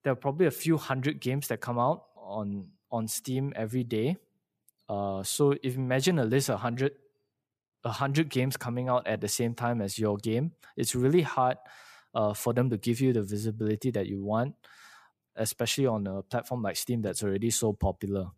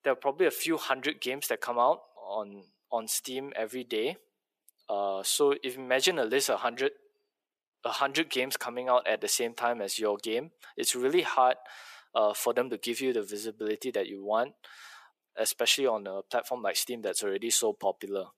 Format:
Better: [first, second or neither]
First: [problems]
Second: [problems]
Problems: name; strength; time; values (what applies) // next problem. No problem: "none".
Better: first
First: none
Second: thin; very; fading below 400 Hz